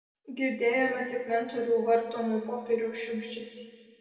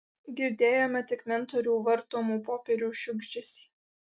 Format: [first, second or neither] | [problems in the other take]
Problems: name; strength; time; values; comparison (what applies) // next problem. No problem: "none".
second | room echo; dies away in 1.9 s